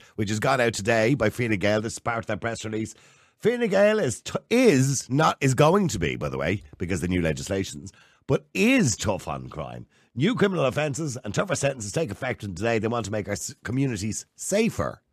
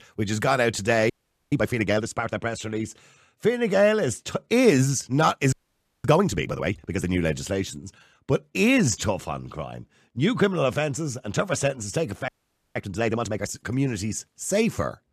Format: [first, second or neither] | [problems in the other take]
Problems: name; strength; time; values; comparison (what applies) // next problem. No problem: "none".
first | audio freezing; at 1 s, at 5.5 s for 0.5 s and at 12 s